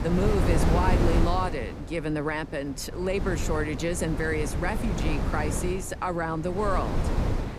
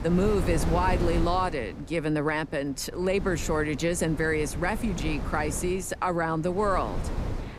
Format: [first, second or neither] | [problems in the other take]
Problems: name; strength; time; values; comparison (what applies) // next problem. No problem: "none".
second | wind noise on the microphone; heavy; 4 dB below the speech; occasional gusts in the second